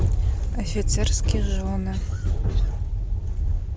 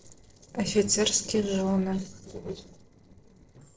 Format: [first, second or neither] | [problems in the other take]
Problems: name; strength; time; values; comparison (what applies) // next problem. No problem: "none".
first | noise reduction (neural separator model SepFormer DNS4)